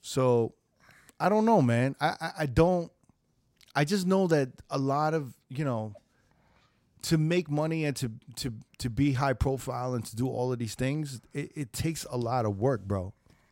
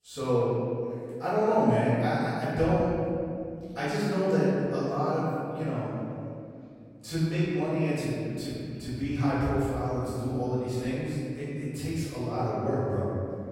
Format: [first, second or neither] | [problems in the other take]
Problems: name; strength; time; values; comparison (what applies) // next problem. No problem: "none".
first | off-mic speech; far // room echo; strong; dies away in 2.6 s